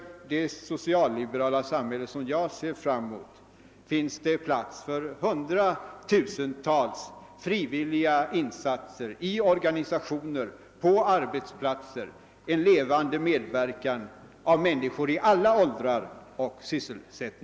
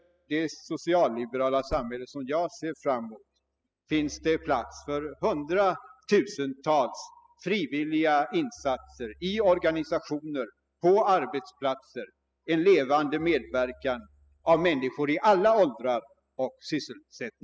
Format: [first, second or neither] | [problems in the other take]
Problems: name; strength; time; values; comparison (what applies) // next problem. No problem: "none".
first | noise reduction (classical method spectral subtraction)